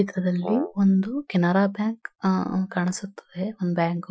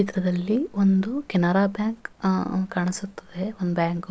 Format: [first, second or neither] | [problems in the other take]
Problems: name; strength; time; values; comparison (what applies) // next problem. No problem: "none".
second | noise reduction (classical method Wiener filter)